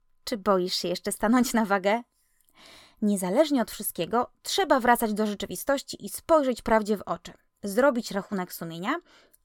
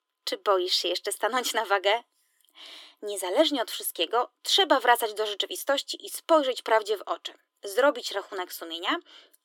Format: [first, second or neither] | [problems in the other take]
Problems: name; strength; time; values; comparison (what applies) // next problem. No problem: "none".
first | thin; somewhat; fading below 300 Hz